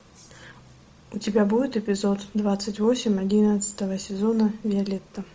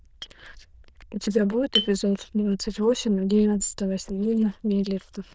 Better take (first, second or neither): first